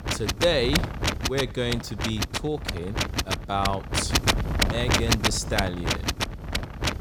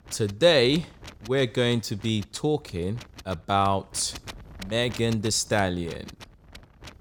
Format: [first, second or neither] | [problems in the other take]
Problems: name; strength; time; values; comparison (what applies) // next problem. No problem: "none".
second | wind noise on the microphone; heavy; 1 dB above the speech; occasional gusts in the second